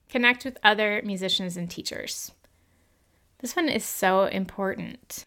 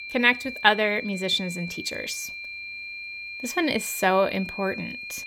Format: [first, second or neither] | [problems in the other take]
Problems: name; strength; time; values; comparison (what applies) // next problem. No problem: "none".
first | high-pitched whine; loud; throughout; 2.5 kHz, 10 dB below the speech